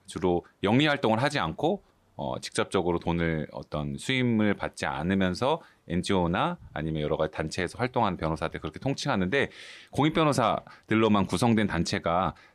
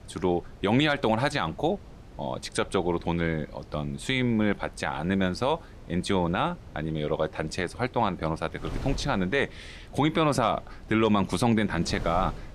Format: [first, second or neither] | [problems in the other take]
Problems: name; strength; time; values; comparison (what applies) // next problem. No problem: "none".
first | wind noise on the microphone; occasional gusts; 20 dB below the speech